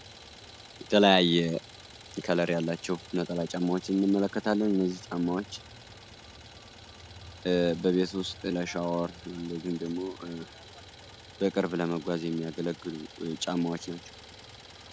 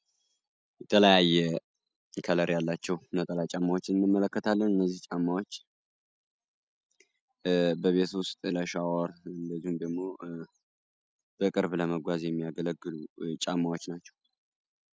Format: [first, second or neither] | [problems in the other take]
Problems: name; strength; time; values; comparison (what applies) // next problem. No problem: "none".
second | background sound (Idling); 18 dB below the speech